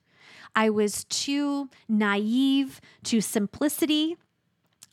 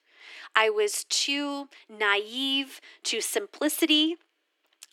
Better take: first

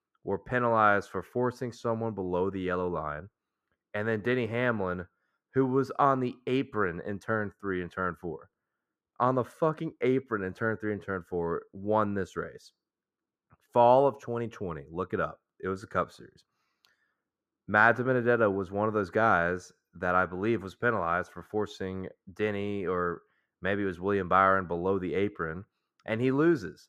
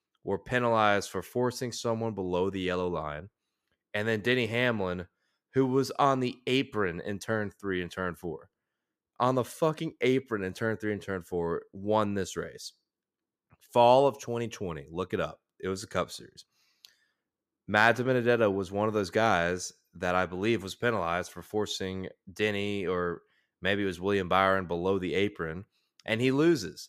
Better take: second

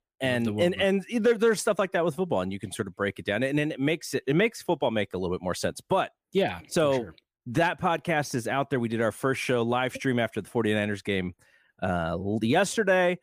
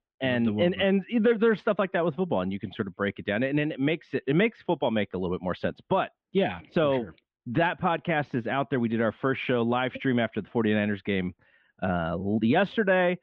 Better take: first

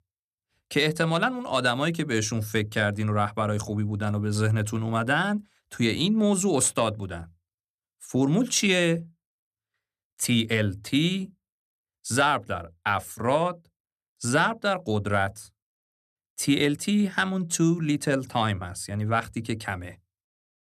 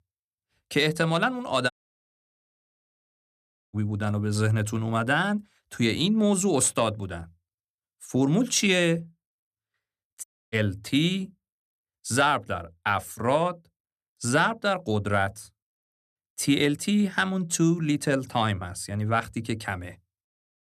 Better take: first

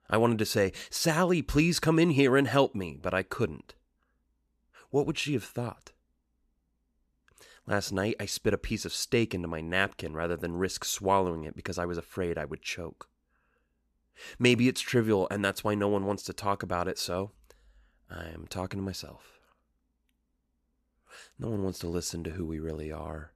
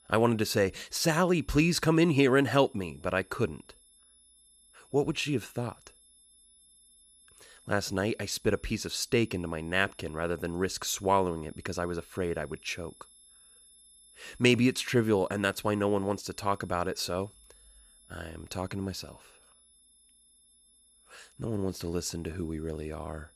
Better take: first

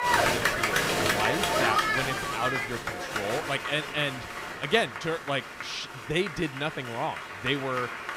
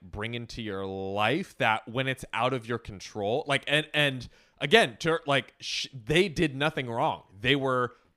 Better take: second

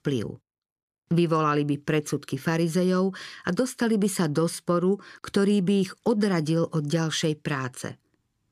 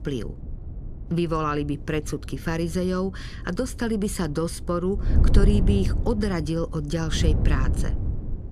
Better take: first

